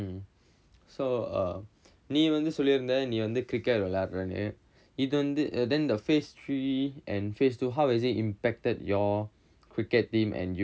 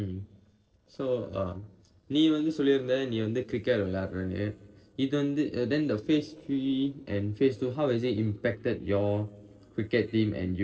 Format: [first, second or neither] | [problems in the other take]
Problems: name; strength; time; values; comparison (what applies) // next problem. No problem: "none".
first | noise reduction (neural separator model SepFormer DNS4)